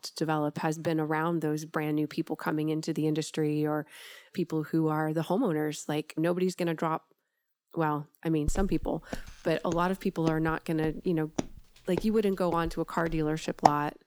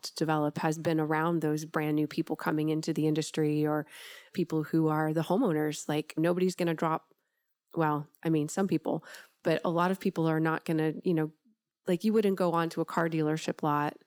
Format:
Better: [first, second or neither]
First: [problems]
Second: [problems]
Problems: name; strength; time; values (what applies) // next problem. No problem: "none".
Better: second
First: footsteps; loud; from 8.5 s on; peak 4 dB above the speech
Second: none